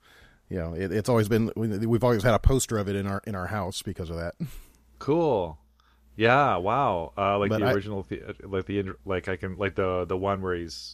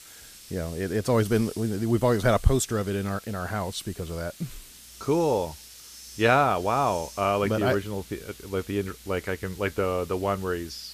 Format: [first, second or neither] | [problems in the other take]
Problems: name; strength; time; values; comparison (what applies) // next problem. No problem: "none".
first | hiss; noticeable; throughout; 20 dB below the speech